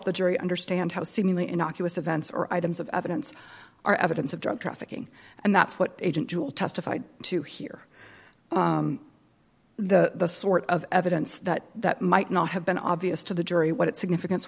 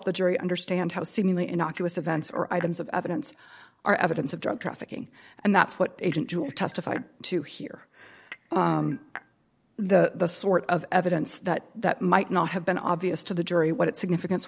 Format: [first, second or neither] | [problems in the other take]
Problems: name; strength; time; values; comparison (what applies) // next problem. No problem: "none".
first | noise reduction (neural mask model DeepFilterNet 3)